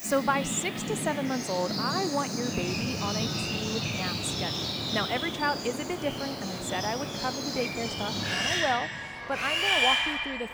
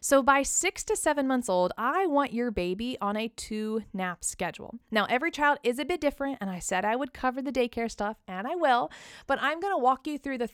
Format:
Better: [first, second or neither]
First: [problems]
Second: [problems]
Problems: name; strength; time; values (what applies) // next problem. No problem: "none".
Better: second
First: animal sounds; very loud; throughout; 3 dB above the speech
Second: none